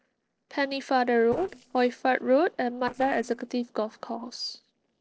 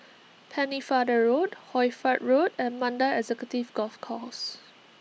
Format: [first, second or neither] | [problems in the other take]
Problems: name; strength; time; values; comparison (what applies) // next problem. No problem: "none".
second | noise reduction (neural separator model SepFormer DNS4)